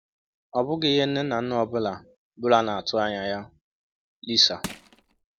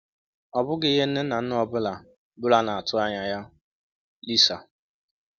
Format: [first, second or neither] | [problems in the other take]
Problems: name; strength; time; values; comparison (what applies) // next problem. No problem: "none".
second | background sound (Crushing); 12 dB below the speech